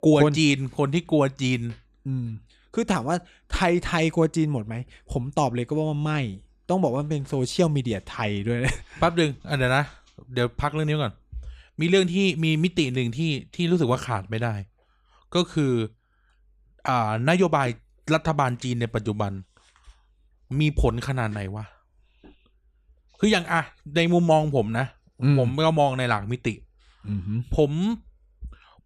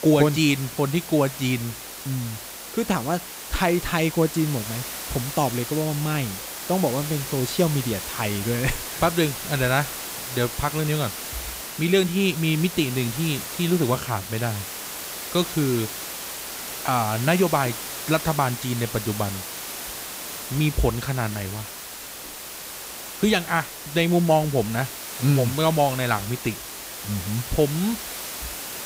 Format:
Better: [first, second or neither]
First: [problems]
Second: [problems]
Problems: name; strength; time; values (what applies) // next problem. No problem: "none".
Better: first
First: none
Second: hiss; loud; throughout; 7 dB below the speech